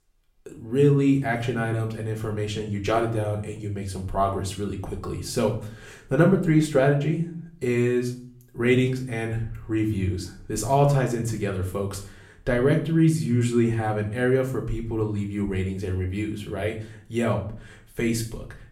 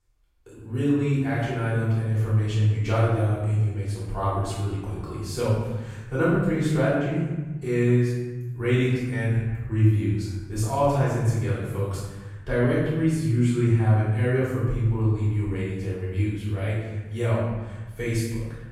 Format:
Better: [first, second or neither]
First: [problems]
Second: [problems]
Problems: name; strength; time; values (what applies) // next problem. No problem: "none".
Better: first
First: room echo; slight; dies away in 0.4 s // off-mic speech; somewhat distant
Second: room echo; strong; dies away in 1.3 s // off-mic speech; far